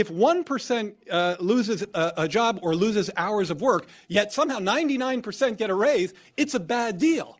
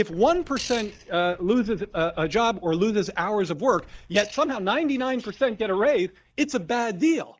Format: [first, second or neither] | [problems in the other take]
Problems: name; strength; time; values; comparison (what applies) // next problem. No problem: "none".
first | noise reduction (neural mask model DeepFilterNet 3)